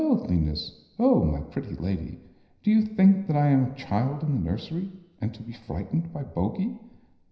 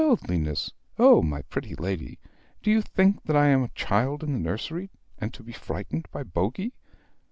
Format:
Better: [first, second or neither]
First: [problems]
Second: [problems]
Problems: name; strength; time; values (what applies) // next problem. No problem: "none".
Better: second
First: room echo; dies away in 0.9 s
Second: none